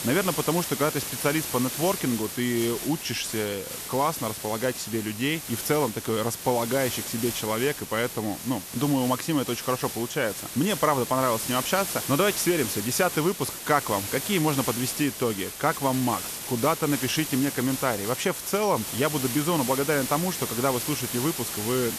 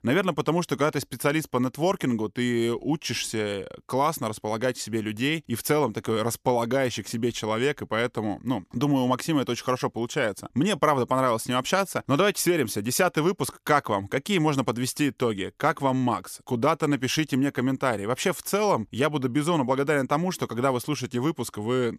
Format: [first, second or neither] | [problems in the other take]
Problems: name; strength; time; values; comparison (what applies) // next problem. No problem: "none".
second | hiss; loud; throughout; 5 dB below the speech